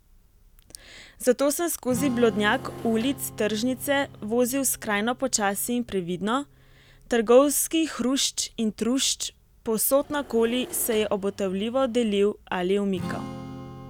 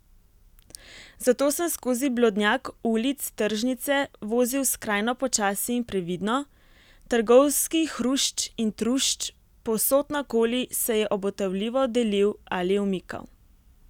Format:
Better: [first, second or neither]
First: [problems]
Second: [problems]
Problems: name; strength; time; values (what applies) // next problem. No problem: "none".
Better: second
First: background sound (Strum + Engine / Mechanisms); 17 dB below the speech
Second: none